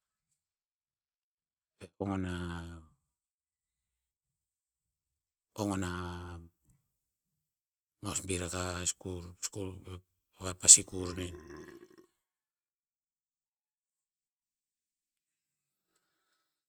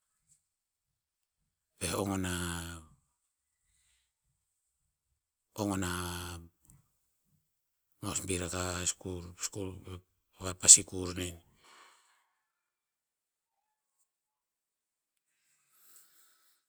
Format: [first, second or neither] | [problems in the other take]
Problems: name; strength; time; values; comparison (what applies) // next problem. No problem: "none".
second | noise reduction (neural mask model RNNoise)